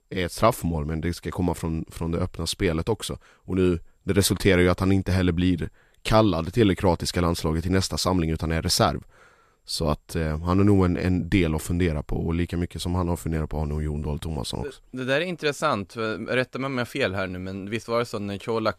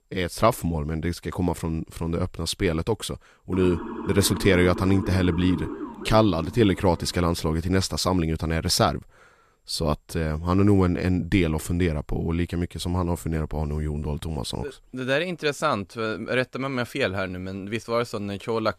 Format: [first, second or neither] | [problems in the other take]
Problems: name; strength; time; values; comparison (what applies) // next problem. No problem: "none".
first | siren; noticeable; from 3.5 to 7.5 s; peak 8 dB below the speech